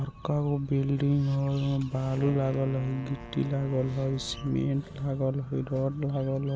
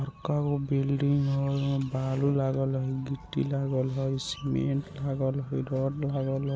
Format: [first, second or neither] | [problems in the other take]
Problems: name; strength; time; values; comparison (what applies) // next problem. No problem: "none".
second | background sound (Wind / Bird + Wind instrument, woodwind instrument); 19 dB below the speech